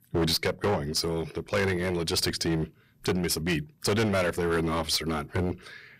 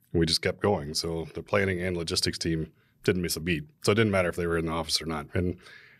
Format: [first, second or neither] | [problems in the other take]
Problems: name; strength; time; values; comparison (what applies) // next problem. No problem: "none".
second | distortion; heavy; 12% of the sound clipped